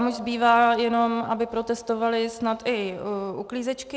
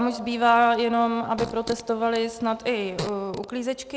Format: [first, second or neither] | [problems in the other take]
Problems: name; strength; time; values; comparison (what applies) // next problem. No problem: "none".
first | background sound (Fart); 14 dB below the speech